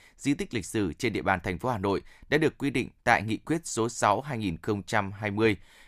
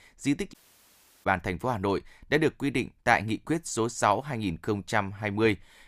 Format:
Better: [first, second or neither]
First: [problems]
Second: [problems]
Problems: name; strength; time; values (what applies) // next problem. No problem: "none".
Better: first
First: none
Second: audio cutting out; at 0.5 s for 0.5 s